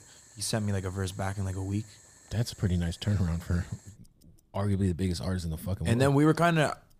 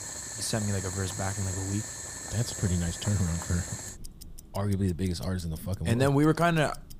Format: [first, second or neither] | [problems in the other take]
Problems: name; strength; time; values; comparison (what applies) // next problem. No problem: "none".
first | household noises; loud; throughout; 7 dB below the speech; faint in the first